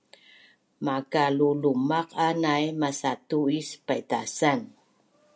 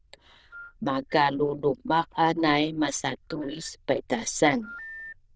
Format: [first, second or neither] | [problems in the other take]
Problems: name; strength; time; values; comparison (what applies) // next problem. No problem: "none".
first | noise reduction (neural diffusion model UNIVERSE++)